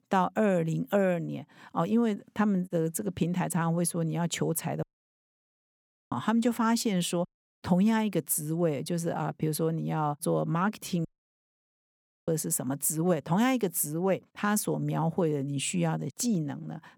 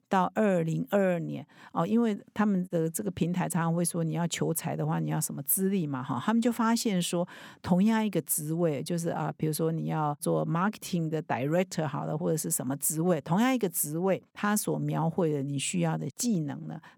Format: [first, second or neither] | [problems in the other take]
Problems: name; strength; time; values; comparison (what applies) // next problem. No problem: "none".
second | audio cutting out; at 5 s for 1.5 s, at 7.5 s and at 11 s for 1 s